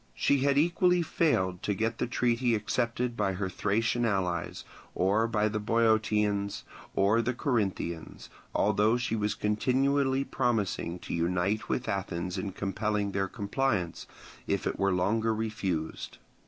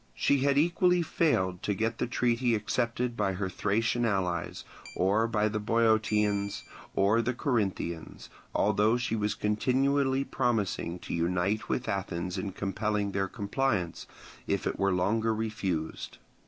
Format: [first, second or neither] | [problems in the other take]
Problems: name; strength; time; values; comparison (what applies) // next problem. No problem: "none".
first | background sound (Keyboard (musical)); 20 dB below the speech